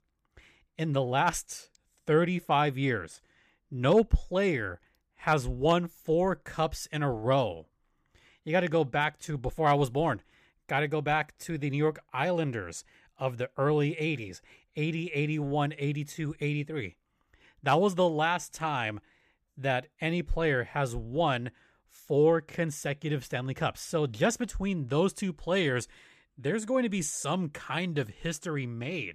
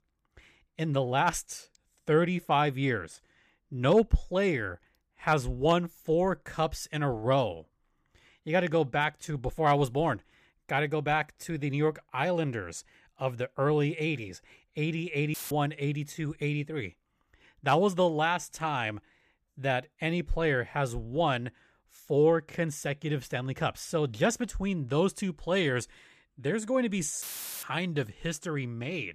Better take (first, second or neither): first